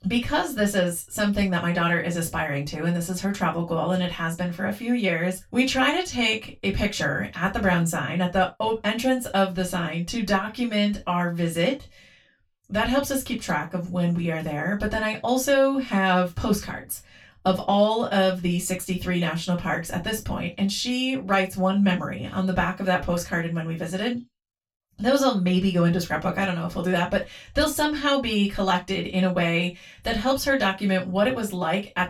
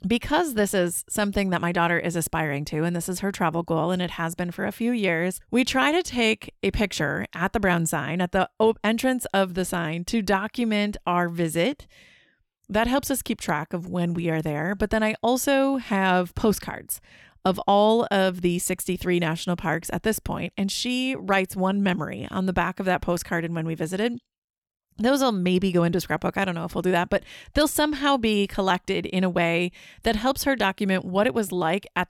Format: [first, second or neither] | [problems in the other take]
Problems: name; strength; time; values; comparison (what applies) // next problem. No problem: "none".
second | room echo; very slight; dies away in 0.2 s // off-mic speech; far